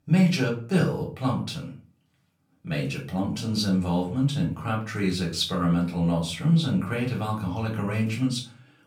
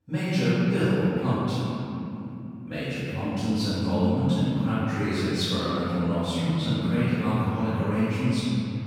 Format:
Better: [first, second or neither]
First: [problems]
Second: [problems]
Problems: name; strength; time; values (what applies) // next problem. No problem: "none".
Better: first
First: room echo; slight; dies away in 0.3 s // off-mic speech; far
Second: room echo; strong; dies away in 3 s // off-mic speech; far